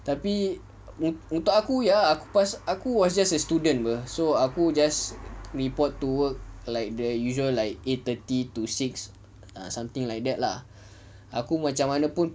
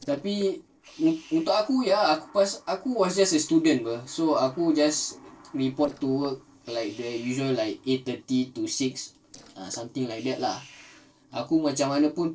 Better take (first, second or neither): first